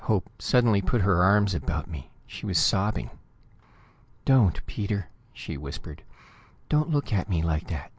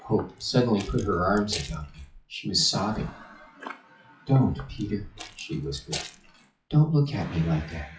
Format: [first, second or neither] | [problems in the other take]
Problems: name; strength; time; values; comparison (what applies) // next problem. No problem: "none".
first | noise reduction (classical method WPE with log-MMSE)